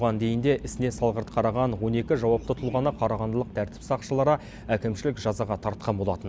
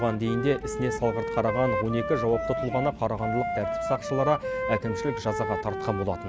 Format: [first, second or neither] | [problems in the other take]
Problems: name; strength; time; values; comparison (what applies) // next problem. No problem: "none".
first | background sound (Wind instrument, woodwind instrument); 4 dB below the speech